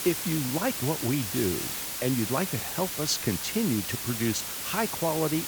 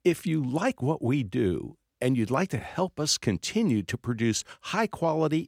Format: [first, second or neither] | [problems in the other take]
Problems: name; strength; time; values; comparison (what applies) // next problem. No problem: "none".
second | hiss; loud; throughout; 2 dB below the speech